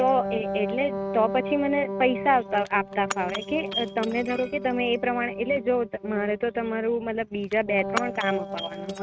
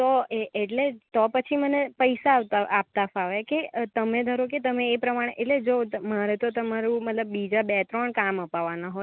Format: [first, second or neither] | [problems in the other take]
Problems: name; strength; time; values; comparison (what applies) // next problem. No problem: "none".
second | noise reduction (neural mask model RNNoise)